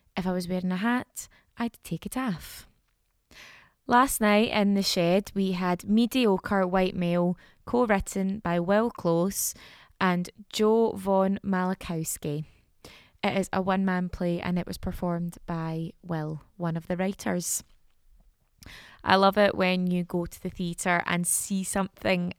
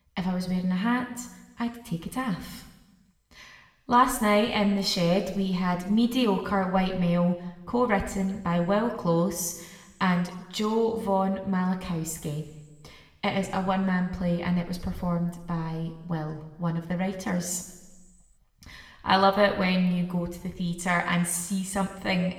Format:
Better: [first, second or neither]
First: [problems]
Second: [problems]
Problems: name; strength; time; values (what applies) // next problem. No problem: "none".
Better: first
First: none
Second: room echo; slight; dies away in 1 s // off-mic speech; somewhat distant